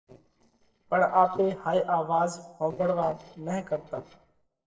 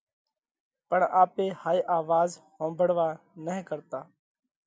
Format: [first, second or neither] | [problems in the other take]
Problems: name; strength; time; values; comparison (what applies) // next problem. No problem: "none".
second | noise reduction (neural separator model SepFormer DNS4)